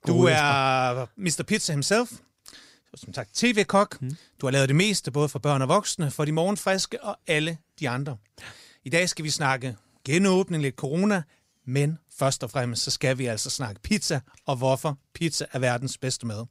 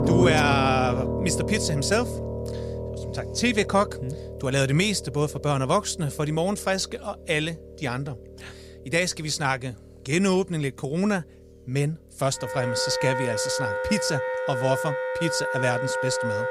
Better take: first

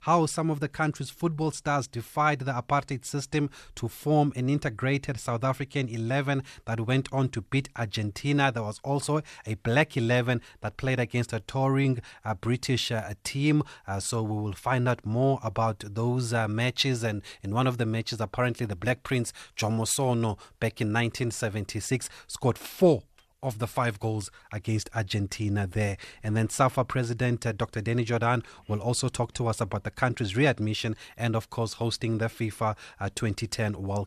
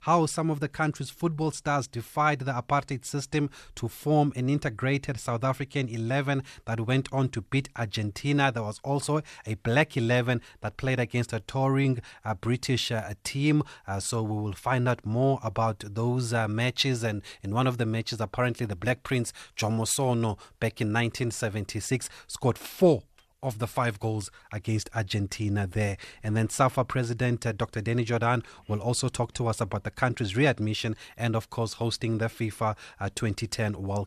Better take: neither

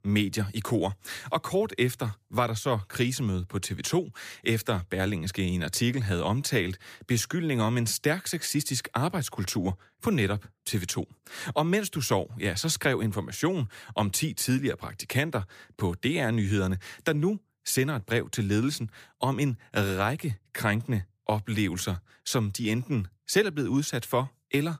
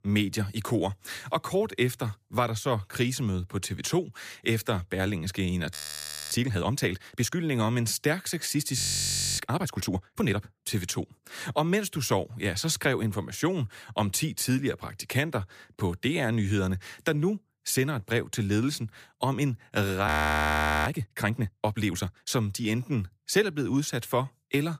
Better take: first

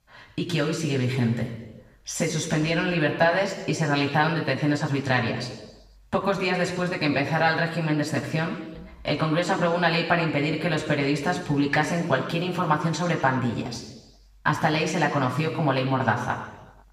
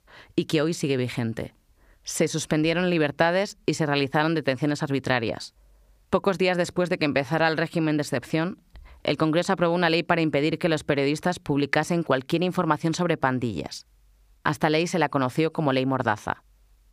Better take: second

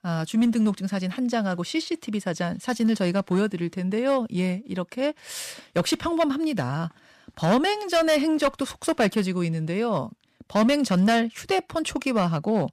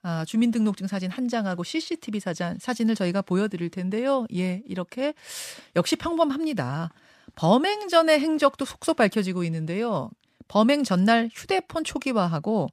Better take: second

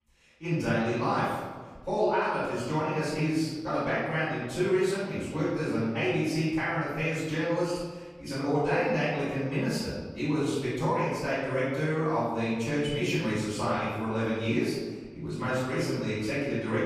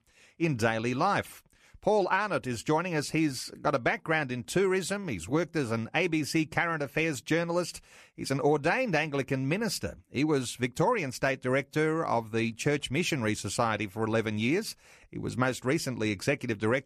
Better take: second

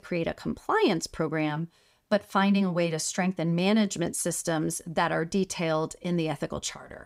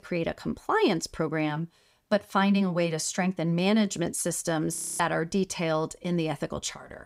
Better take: first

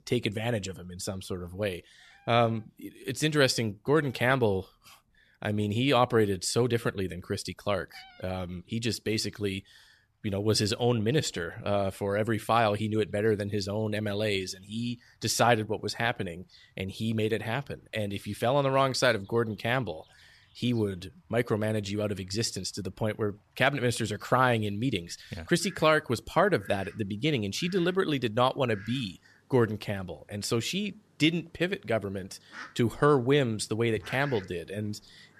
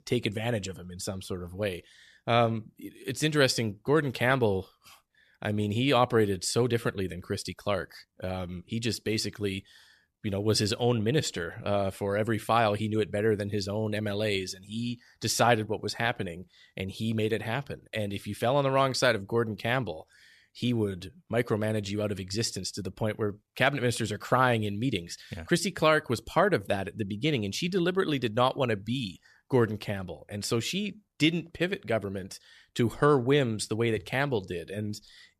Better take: second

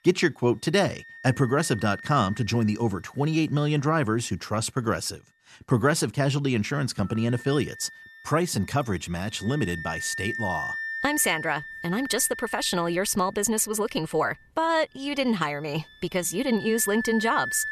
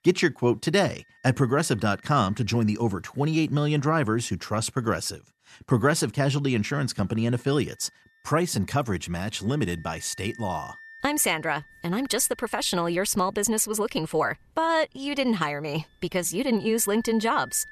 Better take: second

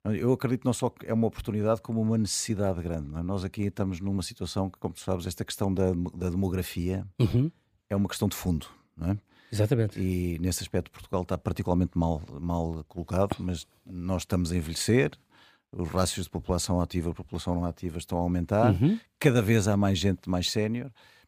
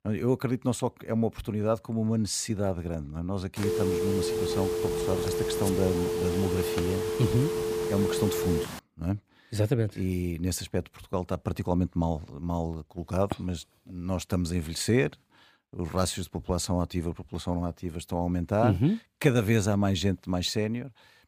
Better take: first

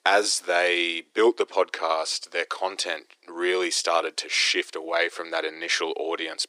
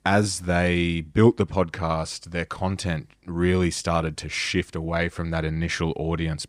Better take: second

